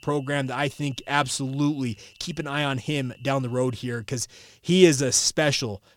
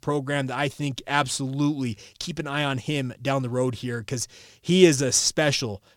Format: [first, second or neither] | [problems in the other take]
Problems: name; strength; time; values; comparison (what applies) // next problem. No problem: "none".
second | high-pitched whine; faint; until 4 s; 2.5 kHz, 30 dB below the speech